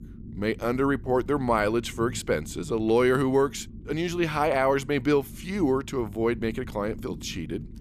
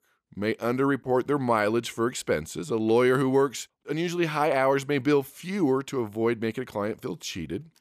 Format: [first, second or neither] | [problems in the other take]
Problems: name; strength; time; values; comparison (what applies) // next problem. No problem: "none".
second | low rumble; faint; throughout; 25 dB below the speech